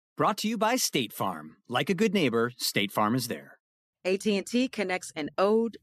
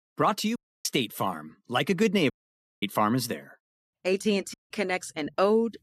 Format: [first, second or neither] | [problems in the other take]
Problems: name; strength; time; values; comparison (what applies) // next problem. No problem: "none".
first | audio cutting out; at 0.5 s, at 2.5 s for 0.5 s and at 4.5 s